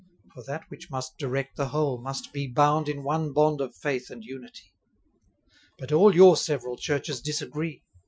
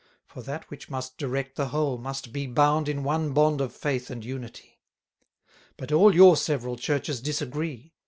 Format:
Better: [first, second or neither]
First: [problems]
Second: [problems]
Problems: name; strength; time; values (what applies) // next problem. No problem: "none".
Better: second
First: noise reduction (classical method Wiener filter)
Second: none